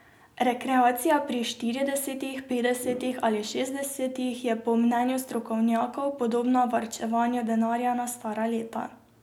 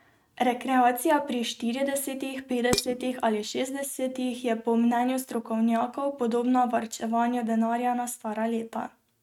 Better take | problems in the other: first | noise reduction (neural mask model RNNoise)

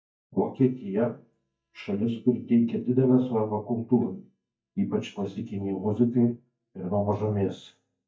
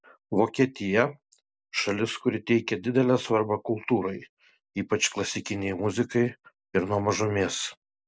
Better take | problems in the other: second | noise reduction (neural mask model DeepFilterNet 3)

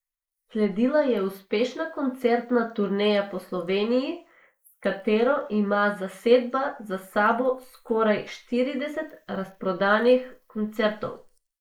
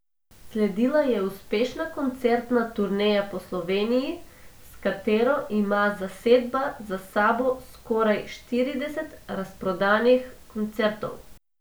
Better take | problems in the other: second | noise reduction (neural mask model Resemble Enhance denoiser)

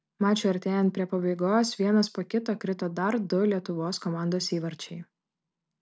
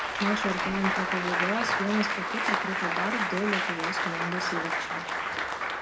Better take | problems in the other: first | background sound (Applause); 3 dB above the speech // room echo; dies away in 1.9 s

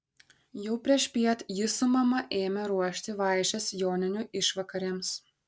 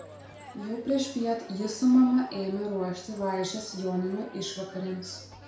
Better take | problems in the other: first | background sound (Crowd); 19 dB below the speech // room echo; dies away in 0.6 s

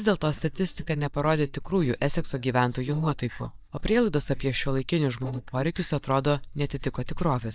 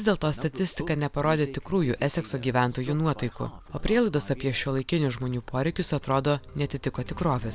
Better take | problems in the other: second | noise reduction (neural mask model DeepFilterNet 3)

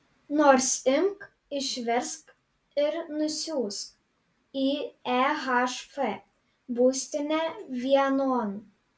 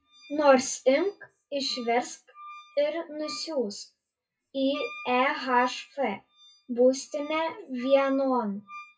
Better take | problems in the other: first | noise reduction (classical method WPE with log-MMSE)

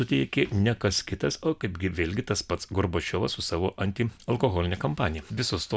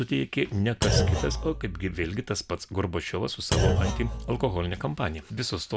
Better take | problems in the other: first | background sound (Thump, thud); 1 dB above the speech

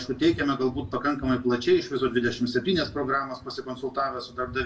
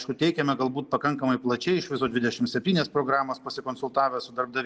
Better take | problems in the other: second | background sound (Dog); 18 dB below the speech // room echo; dies away in 0.2 s

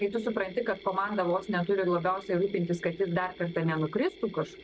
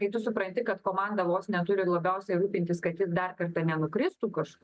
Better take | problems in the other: second | background sound (Mechanisms); 18 dB below the speech

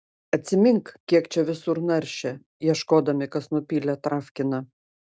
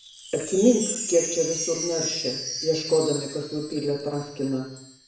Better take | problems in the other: first | background sound (Wind chime); 7 dB below the speech // room echo; dies away in 0.7 s

